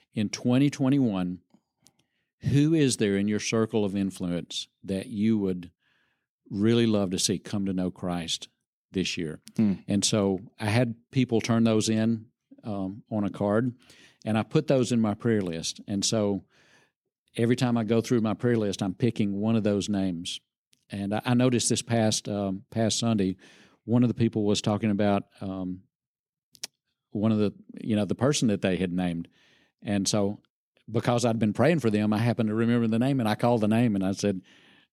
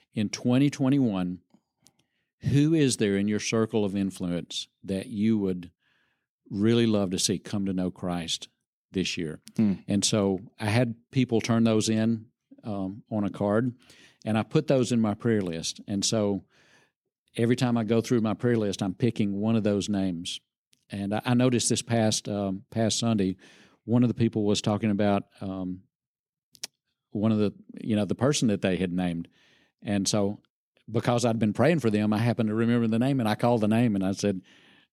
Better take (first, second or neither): neither